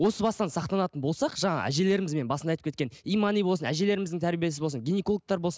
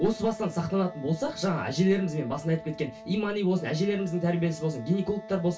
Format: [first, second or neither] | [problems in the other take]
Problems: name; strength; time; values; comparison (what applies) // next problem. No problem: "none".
first | background sound (Wind instrument, woodwind instrument); 16 dB below the speech // room echo; dies away in 0.2 s